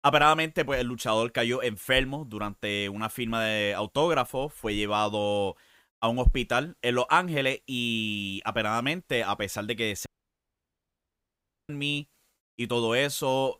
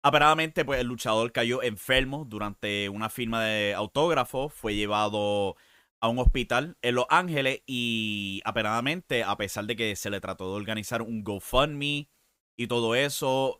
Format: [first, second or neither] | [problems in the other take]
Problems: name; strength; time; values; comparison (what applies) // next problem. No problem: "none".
second | audio cutting out; at 10 s for 1.5 s